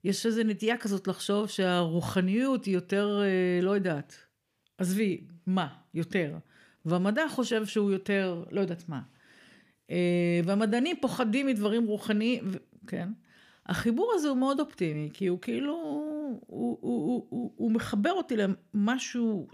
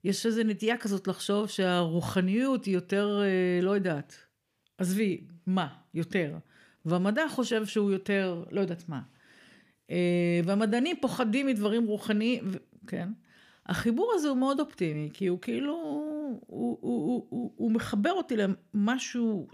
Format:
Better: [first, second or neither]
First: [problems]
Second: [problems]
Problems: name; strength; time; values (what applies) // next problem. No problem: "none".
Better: neither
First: none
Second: none